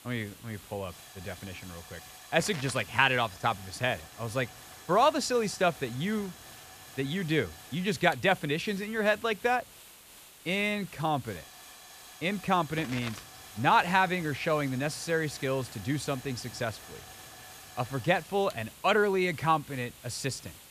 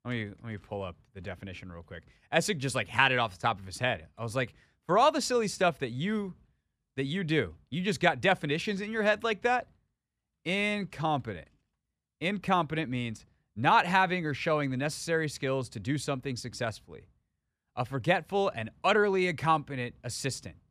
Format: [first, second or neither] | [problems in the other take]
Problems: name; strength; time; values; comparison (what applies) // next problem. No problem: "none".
second | hiss; noticeable; throughout; 15 dB below the speech